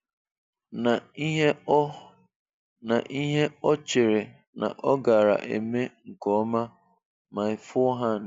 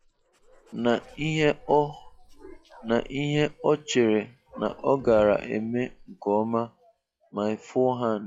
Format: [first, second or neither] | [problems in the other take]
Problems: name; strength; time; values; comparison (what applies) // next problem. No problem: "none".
first | noise reduction (classical method log-MMSE)